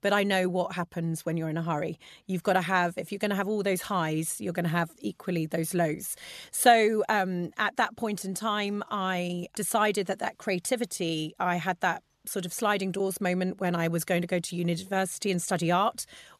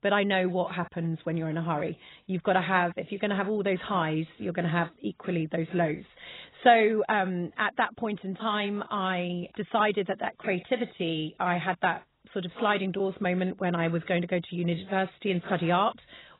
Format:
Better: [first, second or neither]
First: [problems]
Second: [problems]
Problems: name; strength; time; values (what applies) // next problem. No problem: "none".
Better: first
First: none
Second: garbled, watery; badly; nothing above 4 kHz